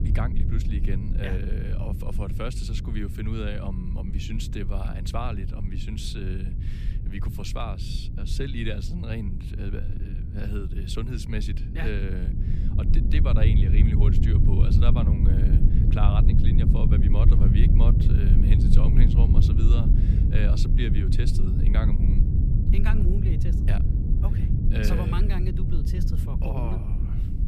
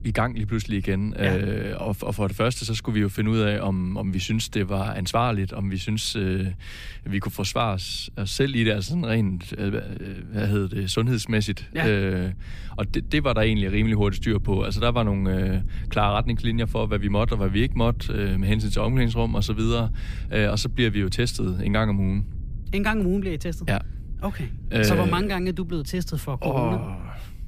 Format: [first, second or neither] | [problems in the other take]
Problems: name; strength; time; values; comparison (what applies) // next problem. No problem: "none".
second | low rumble; loud; throughout; 1 dB below the speech; faint in the second